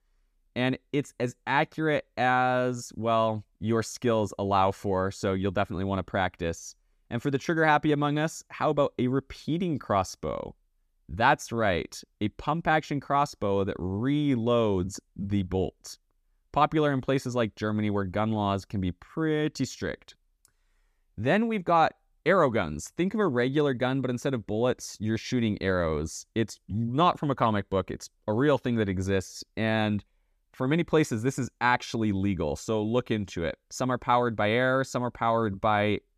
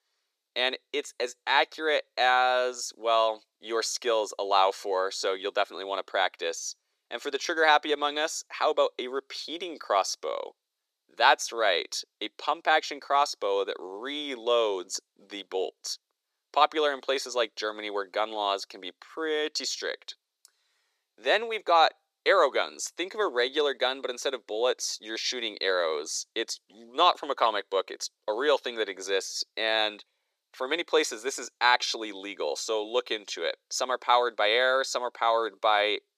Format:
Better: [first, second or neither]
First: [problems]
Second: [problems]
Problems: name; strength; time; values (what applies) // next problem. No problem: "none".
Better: first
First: none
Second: thin; very; fading below 400 Hz